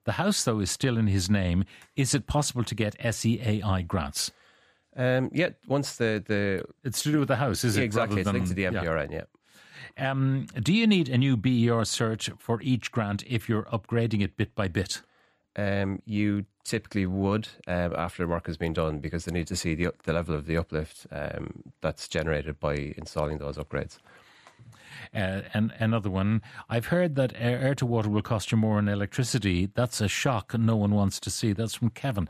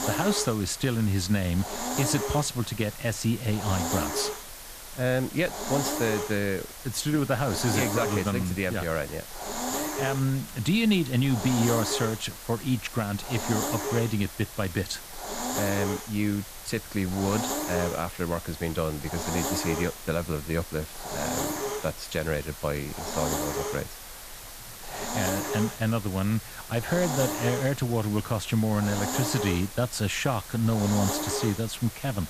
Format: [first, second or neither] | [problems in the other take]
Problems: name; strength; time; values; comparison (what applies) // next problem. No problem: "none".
first | hiss; loud; throughout; 5 dB below the speech